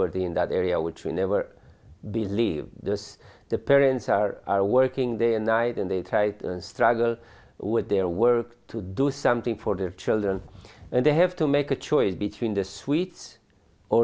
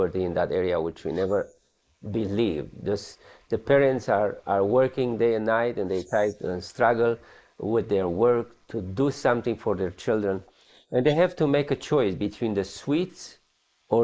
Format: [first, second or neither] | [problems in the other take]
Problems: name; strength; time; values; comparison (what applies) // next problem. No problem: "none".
first | noise reduction (neural mask model Resemble Enhance denoiser)